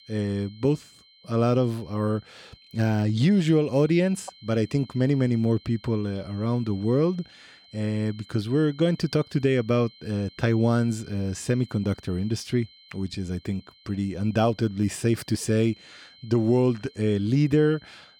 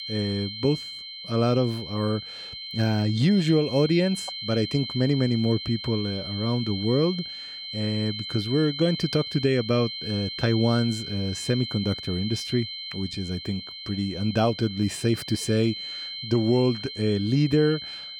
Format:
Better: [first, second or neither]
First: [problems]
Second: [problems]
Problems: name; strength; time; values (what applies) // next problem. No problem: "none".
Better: first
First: high-pitched whine; faint; throughout; 4 kHz, 25 dB below the speech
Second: high-pitched whine; loud; throughout; 4 kHz, 8 dB below the speech